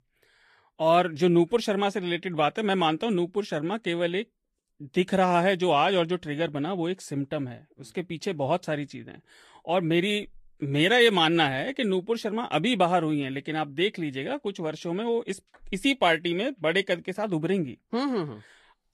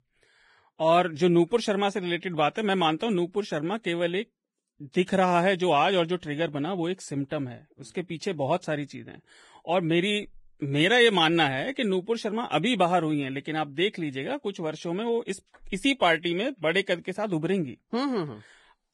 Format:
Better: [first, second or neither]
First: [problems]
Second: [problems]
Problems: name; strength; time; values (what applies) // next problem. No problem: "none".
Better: first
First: garbled, watery; slightly; nothing above 14 kHz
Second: garbled, watery; badly; nothing above 10.5 kHz